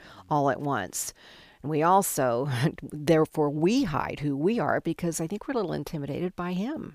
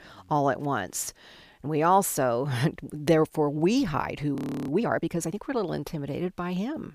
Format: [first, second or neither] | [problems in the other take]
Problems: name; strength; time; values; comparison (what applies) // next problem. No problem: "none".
first | audio freezing; at 4.5 s